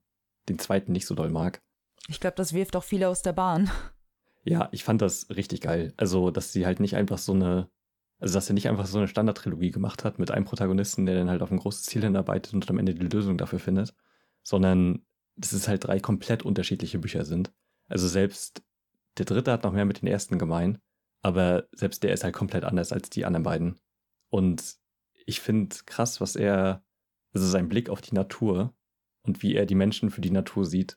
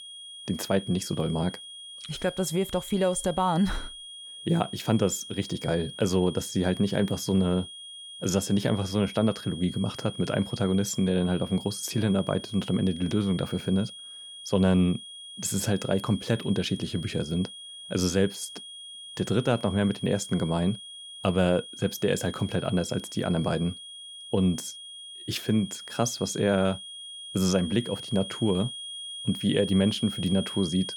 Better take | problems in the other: first | high-pitched whine; noticeable; throughout; 3.5 kHz, 10 dB below the speech

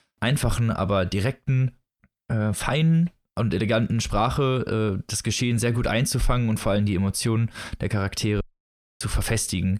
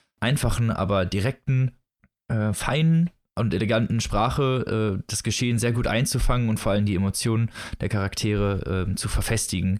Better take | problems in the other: second | audio cutting out; at 8.5 s for 0.5 s

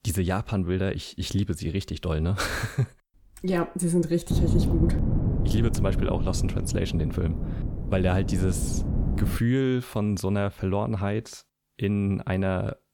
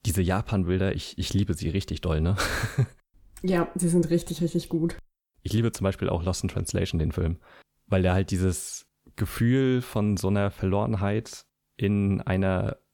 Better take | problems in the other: second | wind noise on the microphone; heavy; from 4.5 to 9.5 s; 7 dB below the speech

